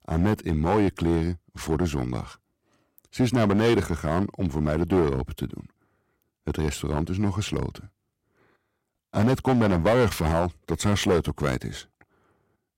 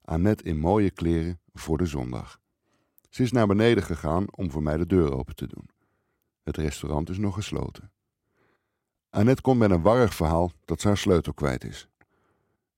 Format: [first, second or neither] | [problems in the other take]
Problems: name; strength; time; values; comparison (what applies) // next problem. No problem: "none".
second | distortion; heavy; 5% of the sound clipped